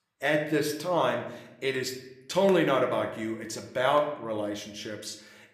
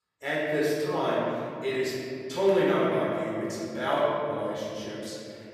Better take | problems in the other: first | room echo; strong; dies away in 2.8 s; slight in the first // off-mic speech; far

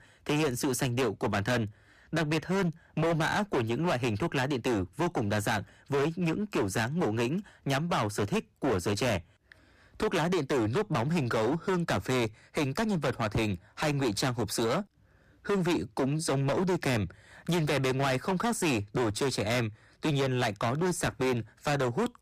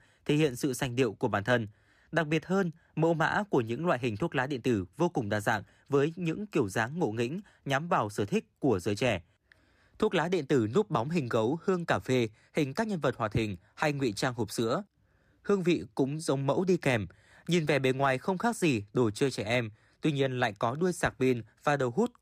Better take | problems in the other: second | distortion; heavy; 20% of the sound clipped

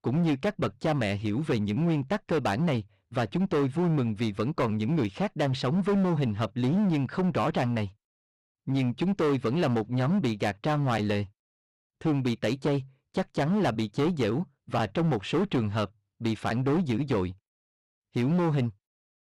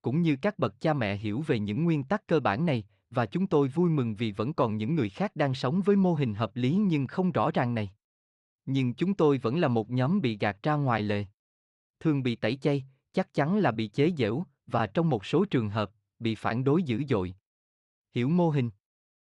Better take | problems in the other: second | distortion; slight; 13% of the sound clipped

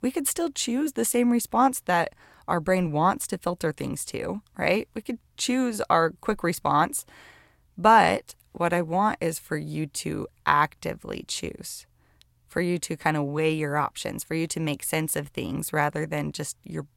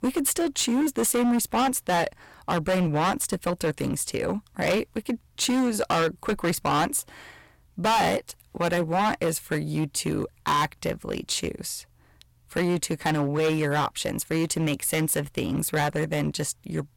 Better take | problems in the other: first | distortion; heavy; 12% of the sound clipped

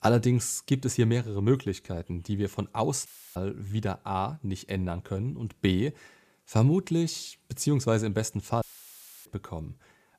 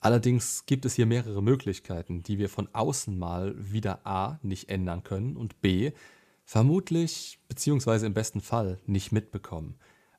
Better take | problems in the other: second | audio cutting out; filled with static; at 3 s and at 8.5 s for 0.5 s

